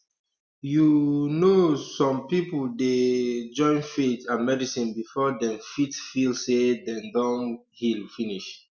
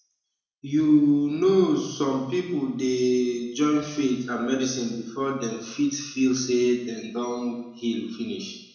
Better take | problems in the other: first | room echo; dies away in 0.9 s

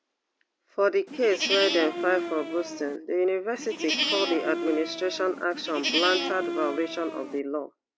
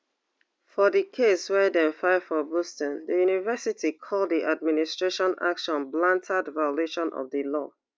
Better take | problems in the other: second | background sound (Livestock, farm animals, working animals); 3 dB below the speech

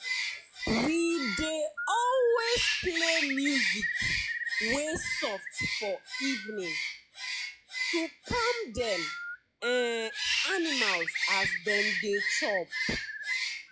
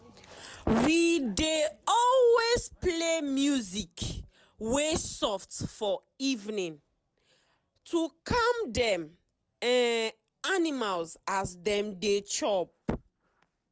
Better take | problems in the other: second | noise reduction (classical method log-MMSE)

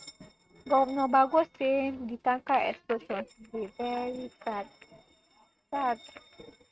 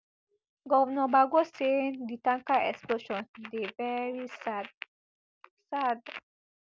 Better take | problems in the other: second | noise reduction (neural mask model RNNoise)

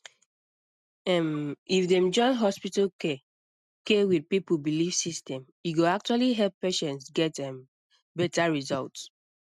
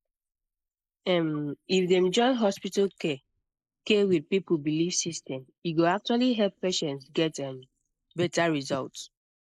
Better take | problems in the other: first | noise reduction (neural mask model Resemble Enhance denoiser)

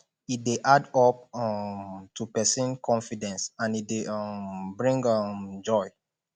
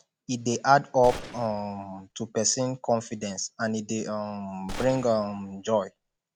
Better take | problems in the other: first | background sound (Gunshot, gunfire); 14 dB below the speech

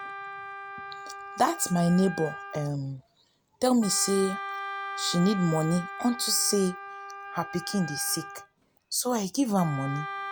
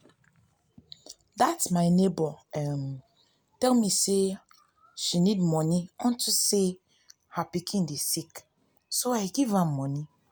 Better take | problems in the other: second | background sound (Wind instrument, woodwind instrument); 10 dB below the speech

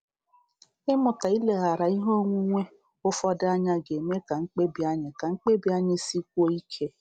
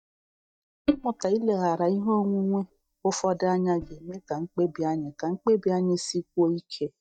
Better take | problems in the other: first | noise reduction (neural mask model DeepFilterNet 3)

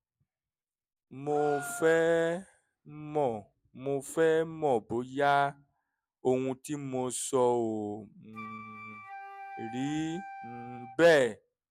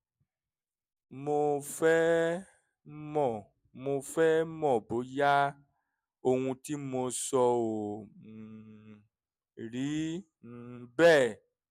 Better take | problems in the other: second | background sound (Wind instrument, woodwind instrument + Gasp); 15 dB below the speech

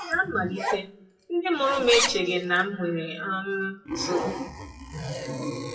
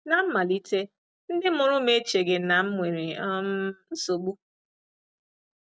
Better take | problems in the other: second | noise reduction (classical method WPE with log-MMSE)

